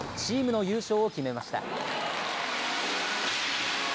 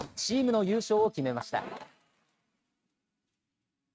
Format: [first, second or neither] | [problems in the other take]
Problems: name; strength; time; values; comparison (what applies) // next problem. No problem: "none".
first | noise reduction (neural mask model RNNoise)